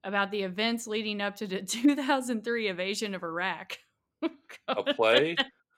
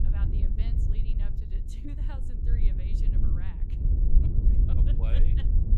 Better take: first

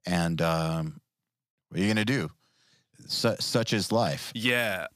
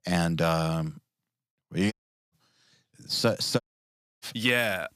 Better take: first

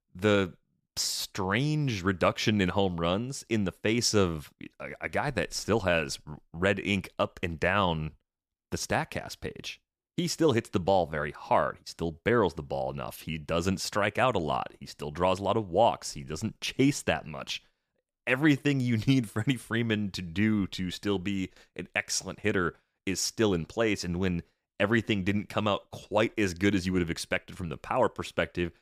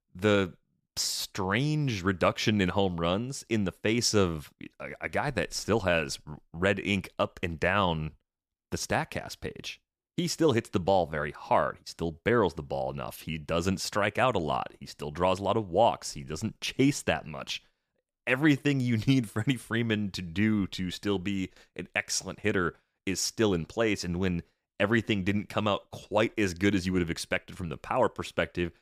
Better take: neither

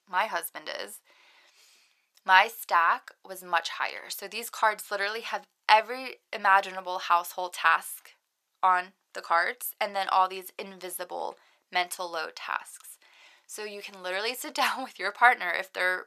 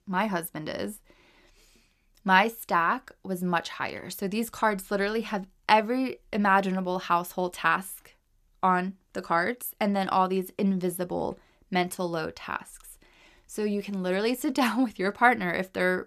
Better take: second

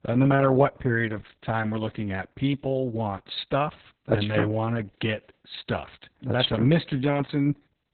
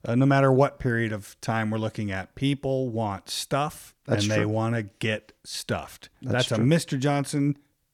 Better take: second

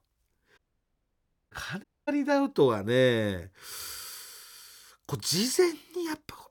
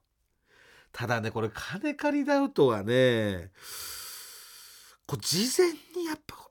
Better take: second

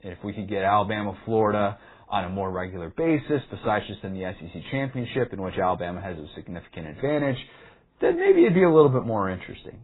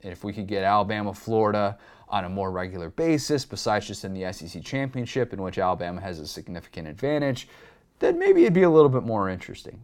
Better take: second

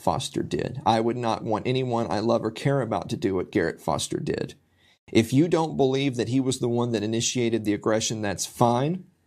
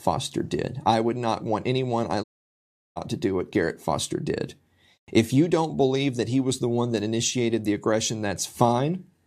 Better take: first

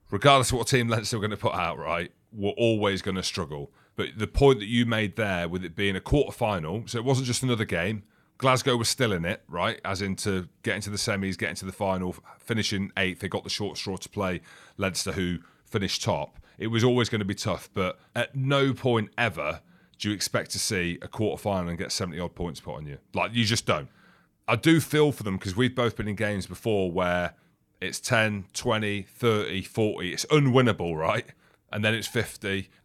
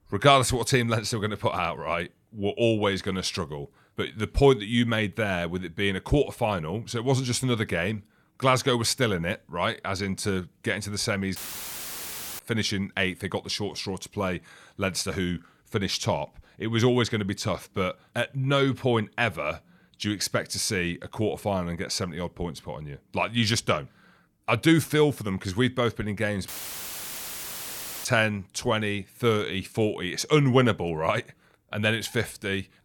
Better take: first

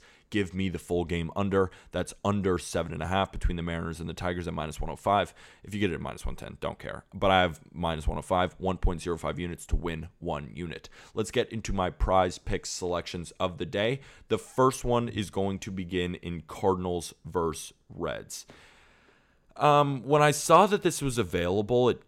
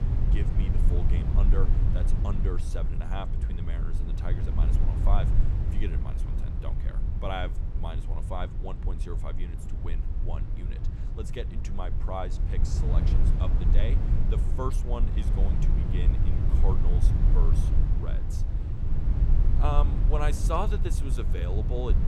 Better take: first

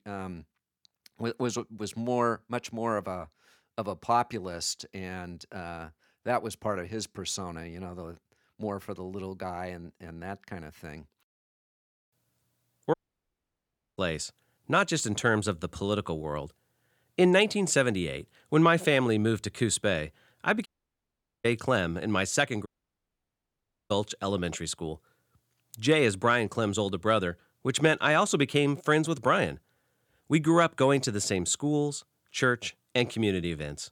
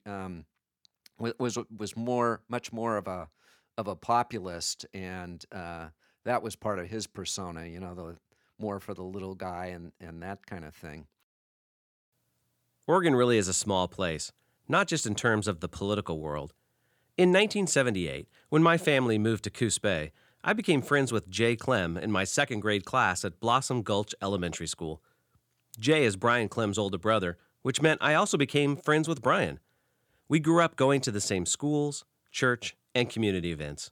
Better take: second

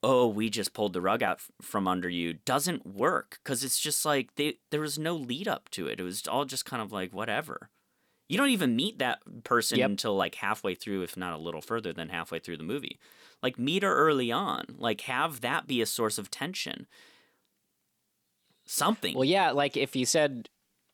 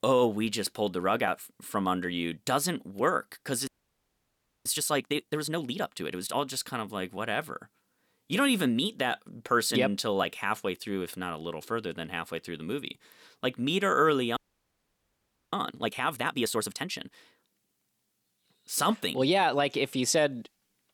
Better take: first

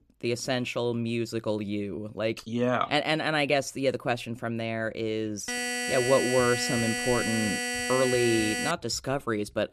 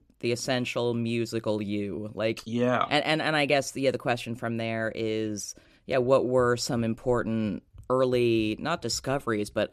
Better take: second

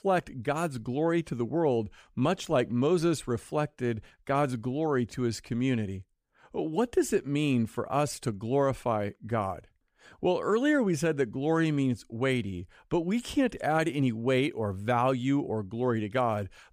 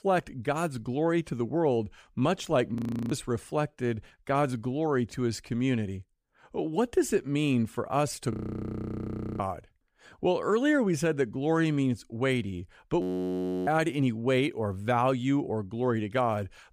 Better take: first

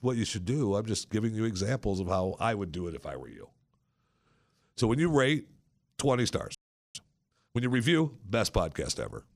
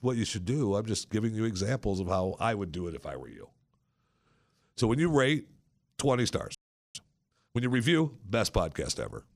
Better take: neither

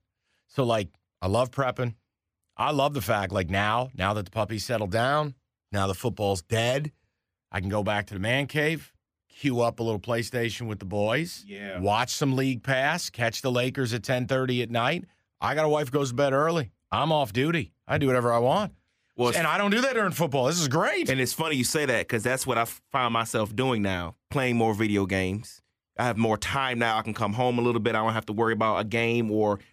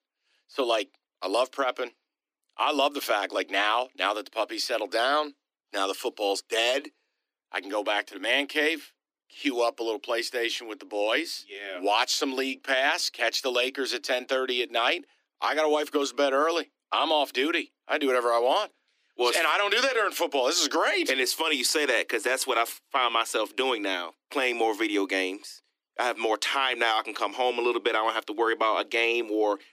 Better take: first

